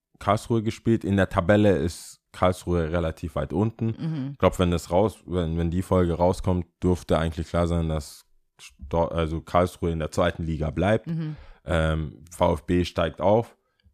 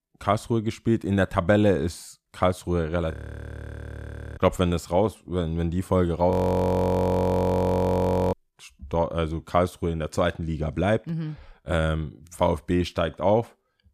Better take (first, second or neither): first